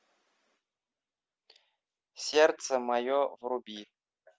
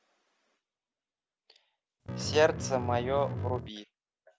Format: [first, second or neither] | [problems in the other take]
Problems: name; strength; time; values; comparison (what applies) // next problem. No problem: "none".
first | background sound (Bass guitar); 2 dB below the speech